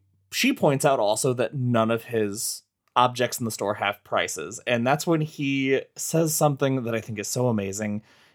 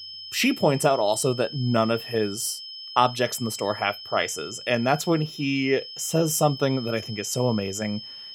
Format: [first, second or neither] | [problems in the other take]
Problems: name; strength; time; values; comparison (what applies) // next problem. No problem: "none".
first | high-pitched whine; noticeable; throughout; 5 kHz, 10 dB below the speech